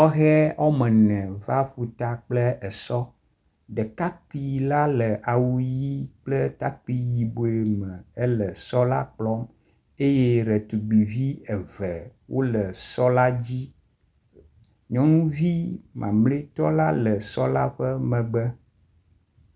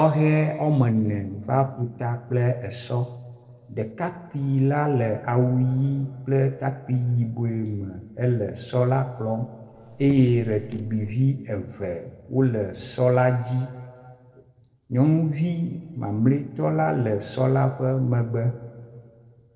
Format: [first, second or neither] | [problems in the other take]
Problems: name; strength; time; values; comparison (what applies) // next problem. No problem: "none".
first | noise reduction (neural separator model SepFormer DNS4)